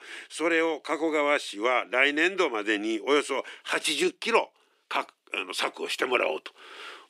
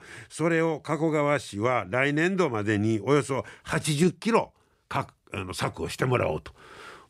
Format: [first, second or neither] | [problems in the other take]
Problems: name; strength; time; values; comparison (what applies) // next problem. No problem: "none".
second | thin; somewhat; fading below 300 Hz